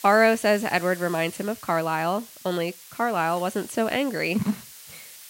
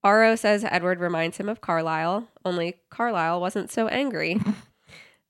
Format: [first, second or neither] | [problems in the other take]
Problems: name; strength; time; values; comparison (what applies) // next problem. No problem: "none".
second | hiss; noticeable; throughout; 15 dB below the speech